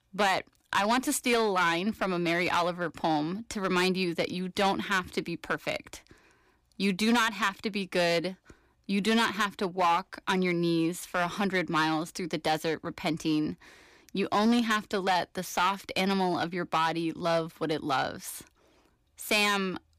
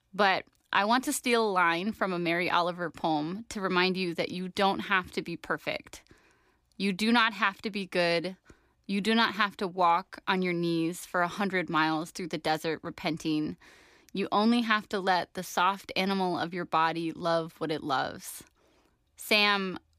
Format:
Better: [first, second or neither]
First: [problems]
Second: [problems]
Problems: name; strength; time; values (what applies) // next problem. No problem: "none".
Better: second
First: distortion; slight; 5% of the sound clipped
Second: none